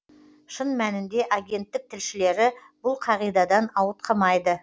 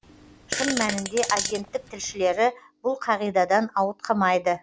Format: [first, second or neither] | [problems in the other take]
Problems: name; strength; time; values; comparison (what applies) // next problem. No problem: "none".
first | background sound (Fart); 7 dB below the speech